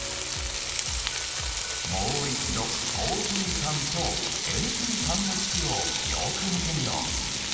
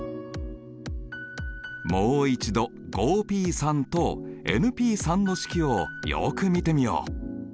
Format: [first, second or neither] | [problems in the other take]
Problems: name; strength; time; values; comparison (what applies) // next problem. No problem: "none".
second | background sound (Frying (food)); 2 dB above the speech // room echo; dies away in 2.3 s